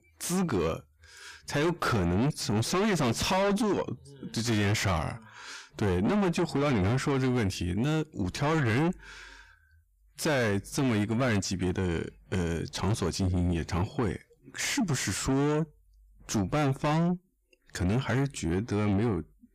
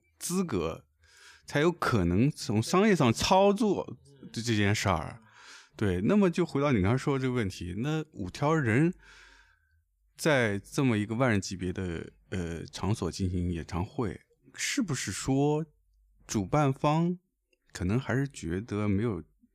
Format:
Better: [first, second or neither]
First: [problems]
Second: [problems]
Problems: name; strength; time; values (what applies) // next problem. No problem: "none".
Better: second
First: distortion; heavy; 6 dB below the speech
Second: none